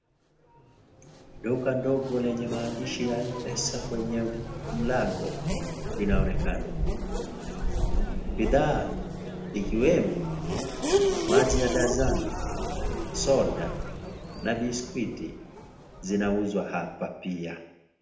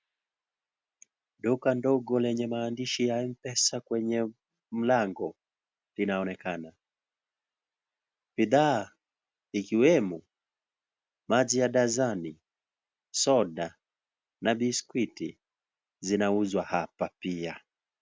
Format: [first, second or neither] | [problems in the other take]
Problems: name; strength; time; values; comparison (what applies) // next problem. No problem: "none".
second | background sound (Race car, auto racing / Accelerating, revving, vroom); 1 dB below the speech // room echo; dies away in 0.7 s